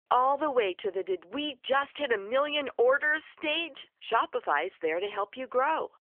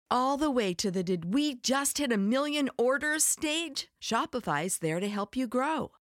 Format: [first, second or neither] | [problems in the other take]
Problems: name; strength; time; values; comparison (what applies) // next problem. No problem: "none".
second | phone-call audio; nothing above 3.5 kHz